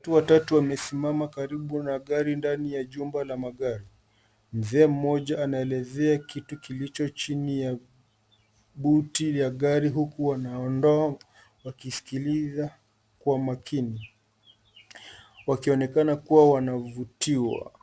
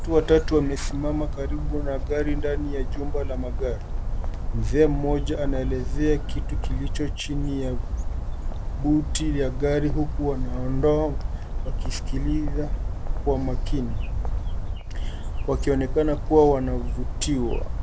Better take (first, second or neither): first